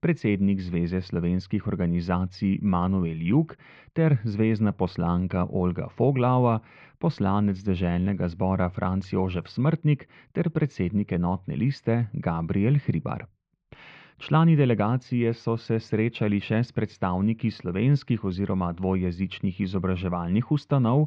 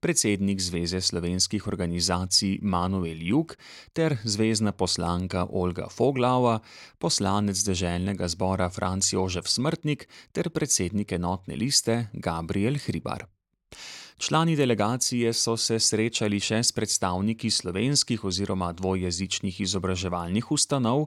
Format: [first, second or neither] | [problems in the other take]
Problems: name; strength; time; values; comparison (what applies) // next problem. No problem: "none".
second | muffled; very; fading above 2.5 kHz